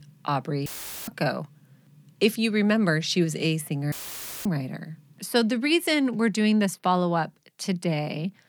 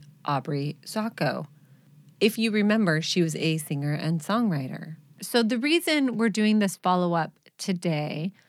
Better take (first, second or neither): second